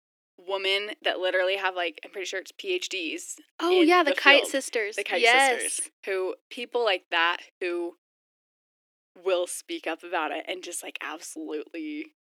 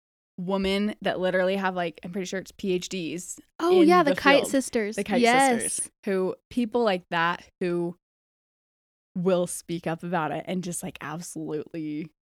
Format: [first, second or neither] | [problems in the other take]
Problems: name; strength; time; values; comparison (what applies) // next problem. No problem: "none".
second | thin; somewhat; fading below 300 Hz